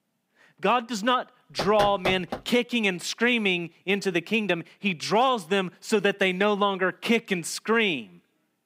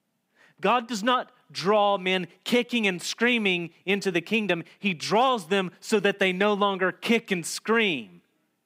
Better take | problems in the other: second | door banging; noticeable; at 1.5 s; peak 5 dB below the speech

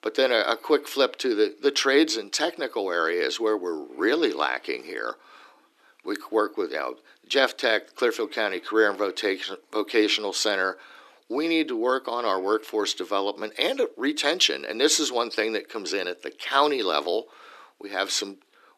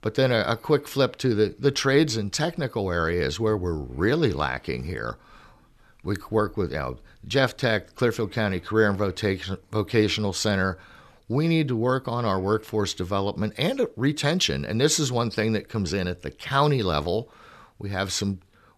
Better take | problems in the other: second | thin; somewhat; fading below 300 Hz

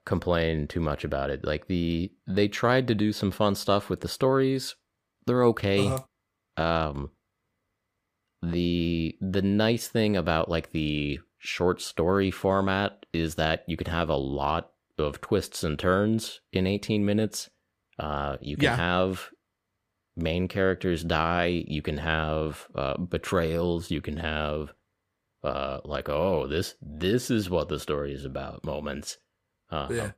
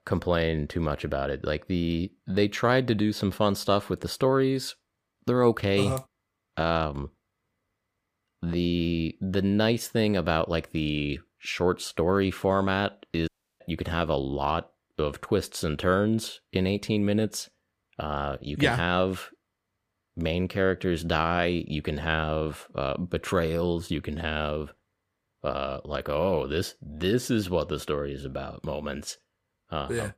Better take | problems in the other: first | audio cutting out; at 13 s

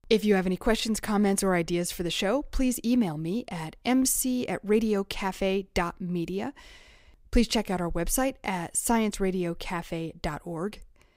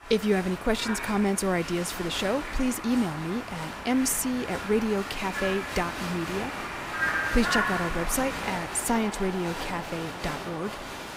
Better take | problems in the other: first | crowd noise; loud; throughout; 4 dB below the speech

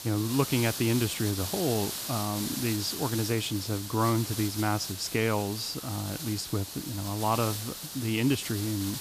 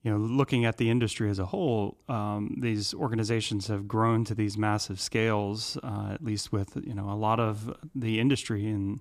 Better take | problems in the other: second | hiss; loud; throughout; 5 dB below the speech

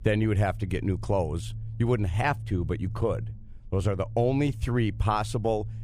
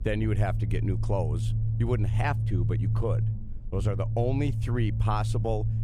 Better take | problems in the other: first | low rumble; loud; throughout; 9 dB below the speech; faint in the first

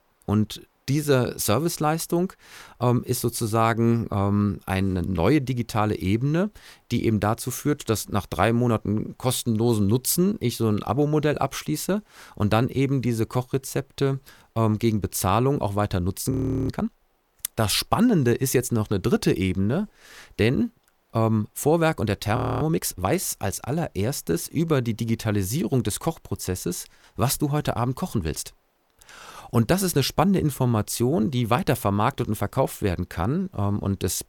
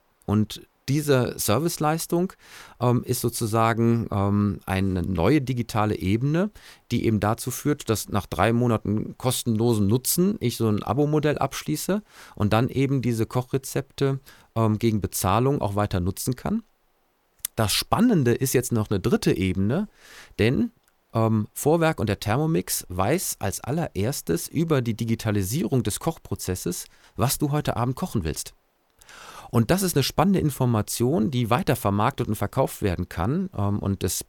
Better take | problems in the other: second | audio freezing; at 16 s and at 22 s

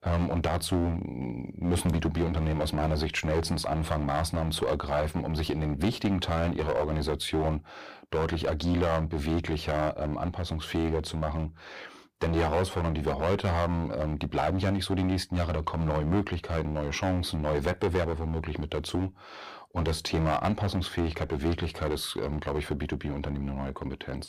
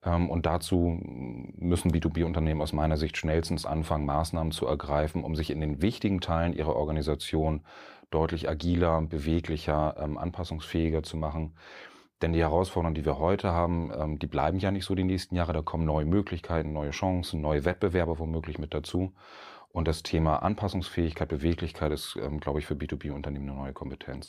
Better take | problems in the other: second | distortion; heavy; 8% of the sound clipped

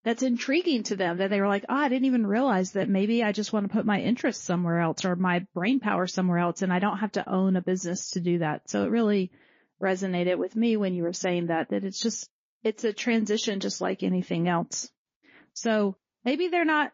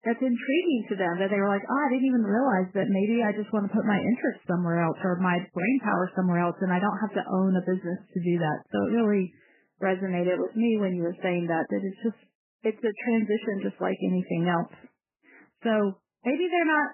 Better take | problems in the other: first | garbled, watery; badly; nothing above 3 kHz; slightly in the first

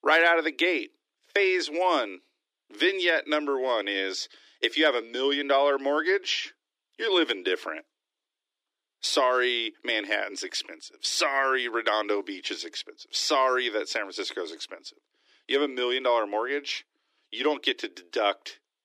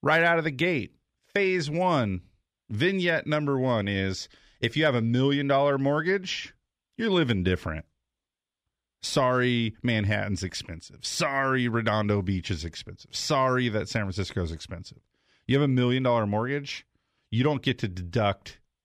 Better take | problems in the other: second | thin; very; fading below 300 Hz

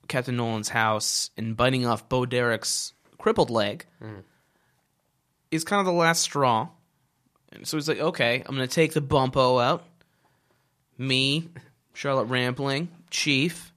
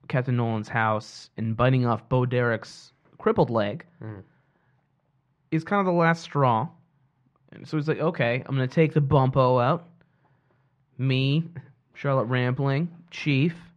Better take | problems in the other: first | muffled; very; fading above 2 kHz

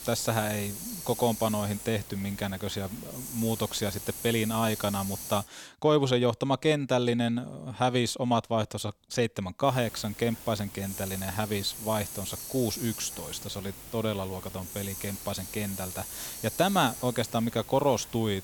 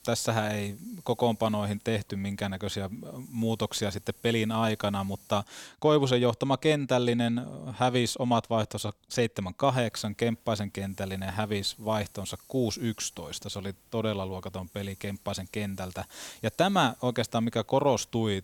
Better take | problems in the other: second | hiss; loud; until 5.5 s and from 9.5 s on; 9 dB below the speech; faint in the second

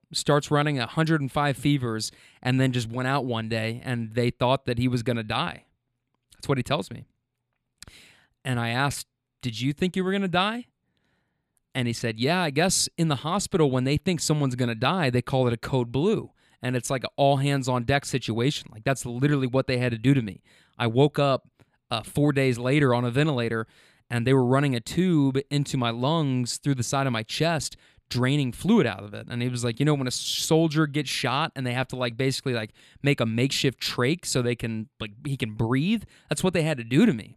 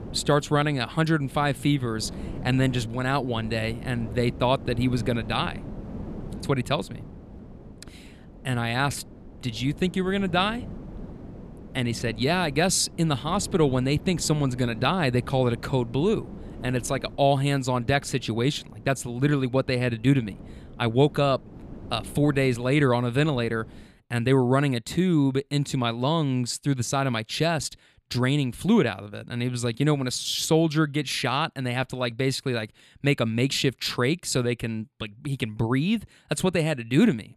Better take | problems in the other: first | wind noise on the microphone; occasional gusts; until 24 s; 20 dB below the speech

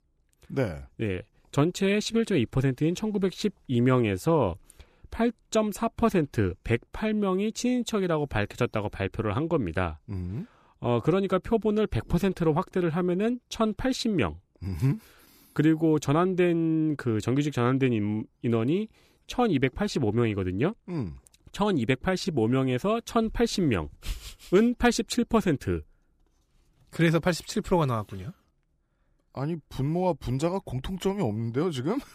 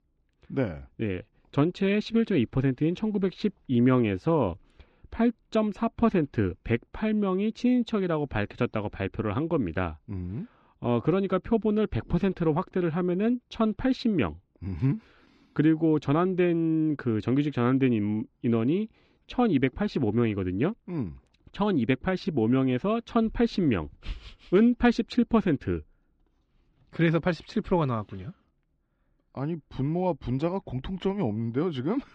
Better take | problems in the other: first | muffled; slightly; fading above 3.5 kHz

